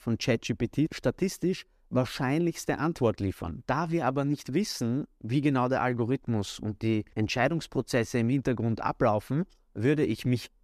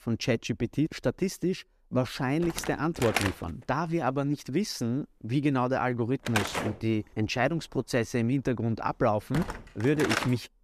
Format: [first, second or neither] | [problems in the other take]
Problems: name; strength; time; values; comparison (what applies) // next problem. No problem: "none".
first | door banging; noticeable; from 2.5 s on; peak level with the speech